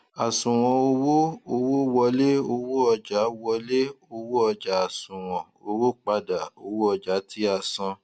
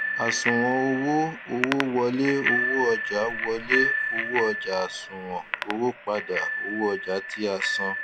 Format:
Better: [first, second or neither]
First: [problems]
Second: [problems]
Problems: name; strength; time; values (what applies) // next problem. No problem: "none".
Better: first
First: none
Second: background sound (Bicycle bell); 2 dB below the speech